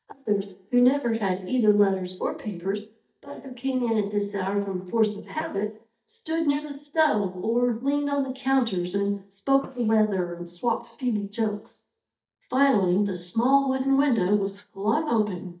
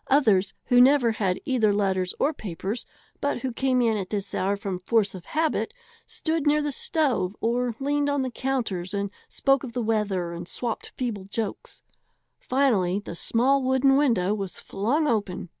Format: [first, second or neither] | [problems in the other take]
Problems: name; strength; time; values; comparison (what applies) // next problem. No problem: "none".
second | noise reduction (neural mask model DeepFilterNet 3)